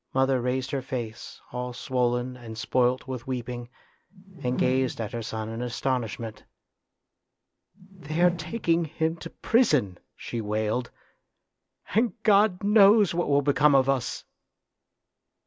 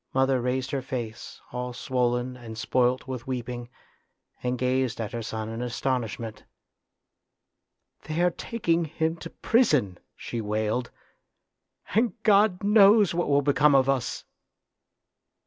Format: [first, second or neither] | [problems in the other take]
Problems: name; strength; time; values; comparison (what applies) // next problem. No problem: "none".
second | background sound (Whoosh, swoosh, swish); 8 dB below the speech